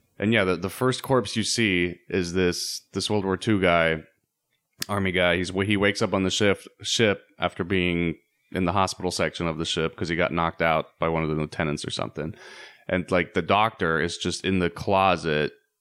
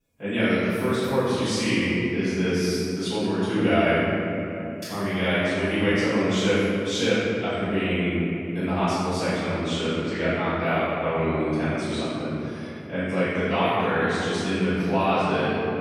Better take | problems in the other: first | off-mic speech; far // room echo; strong; dies away in 3 s

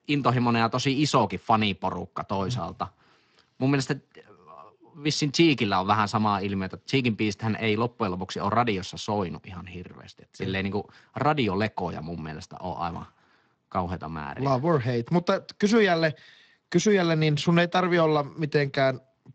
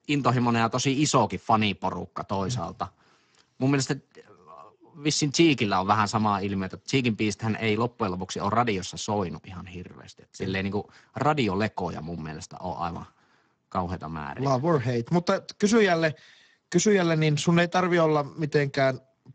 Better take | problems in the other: first | garbled, watery; badly; nothing above 7.5 kHz; slightly in the first

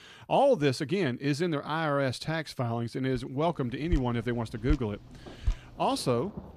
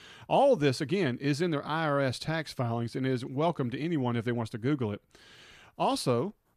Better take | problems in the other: second | rain or running water; loud; from 3.5 s on; 10 dB below the speech

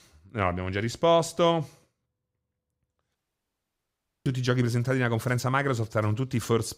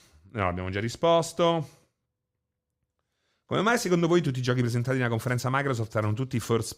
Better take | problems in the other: second | audio cutting out; at 3 s for 1 s

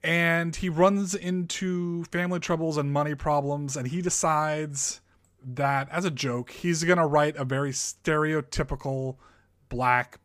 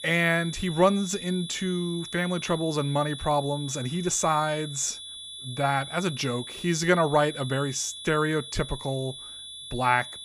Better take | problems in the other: first | high-pitched whine; noticeable; throughout; 3.5 kHz, 10 dB below the speech

